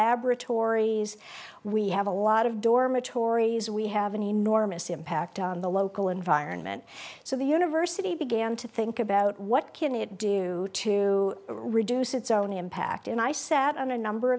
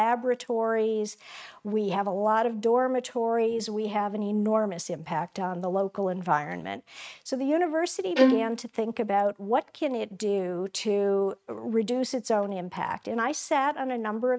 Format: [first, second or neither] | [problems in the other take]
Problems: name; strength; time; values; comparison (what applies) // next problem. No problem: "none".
first | noise reduction (neural mask model RNNoise)